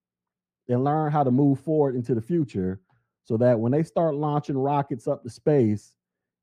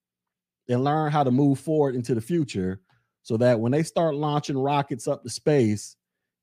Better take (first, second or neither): second